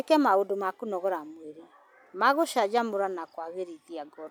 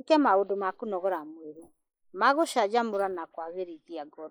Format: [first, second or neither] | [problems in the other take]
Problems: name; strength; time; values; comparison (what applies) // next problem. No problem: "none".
first | noise reduction (neural mask model Resemble Enhance denoiser)